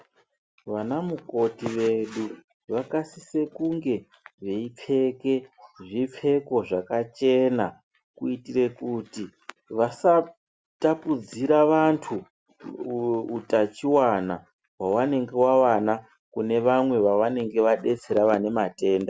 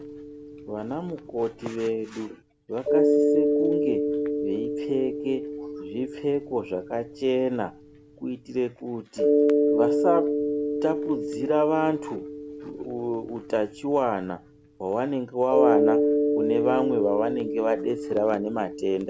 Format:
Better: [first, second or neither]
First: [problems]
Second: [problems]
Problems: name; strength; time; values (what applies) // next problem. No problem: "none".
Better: first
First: none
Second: background sound (Mallet percussion); 1 dB above the speech